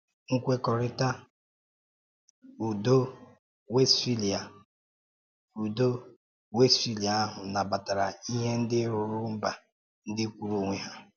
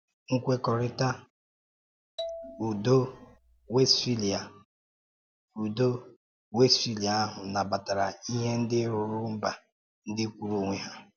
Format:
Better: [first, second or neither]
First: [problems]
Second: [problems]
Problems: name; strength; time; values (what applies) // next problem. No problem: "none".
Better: first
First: none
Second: background sound (Marimba, xylophone); 14 dB below the speech